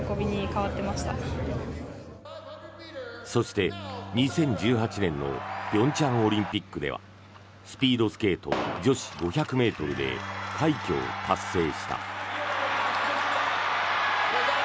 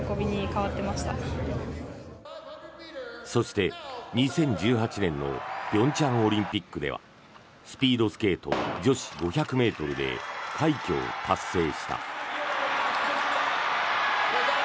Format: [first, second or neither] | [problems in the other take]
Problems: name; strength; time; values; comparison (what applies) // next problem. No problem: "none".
second | background sound (Bass guitar); 19 dB below the speech